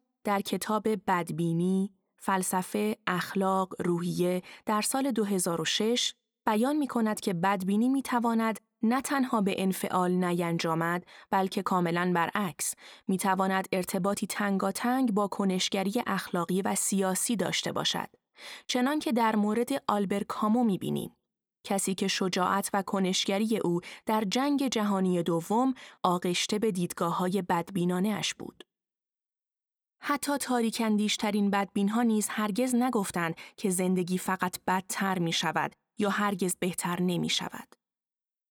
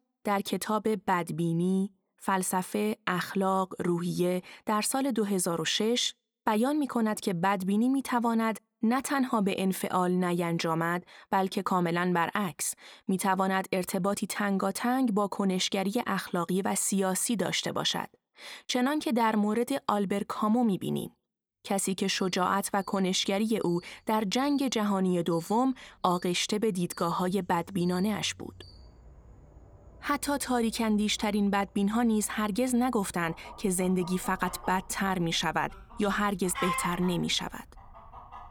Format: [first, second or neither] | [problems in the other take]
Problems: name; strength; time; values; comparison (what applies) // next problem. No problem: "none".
first | animal sounds; noticeable; from 22 s on; 15 dB below the speech